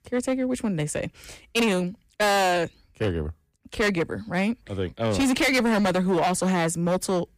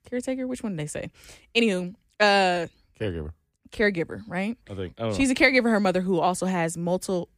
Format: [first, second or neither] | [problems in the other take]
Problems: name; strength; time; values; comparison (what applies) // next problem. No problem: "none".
second | distortion; heavy; 14% of the sound clipped